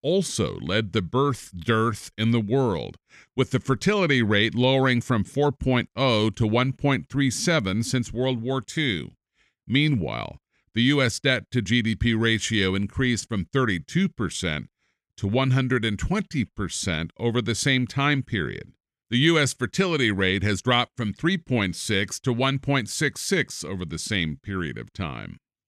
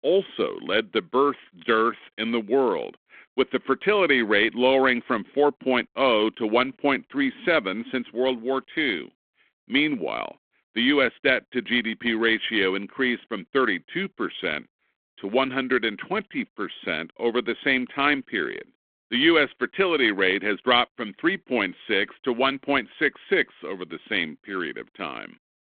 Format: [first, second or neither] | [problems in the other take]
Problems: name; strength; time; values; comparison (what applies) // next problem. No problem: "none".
first | phone-call audio